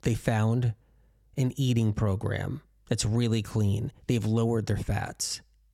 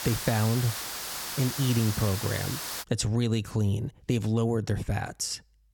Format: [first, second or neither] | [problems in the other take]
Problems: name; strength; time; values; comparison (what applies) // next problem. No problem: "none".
first | hiss; loud; until 3 s; 5 dB below the speech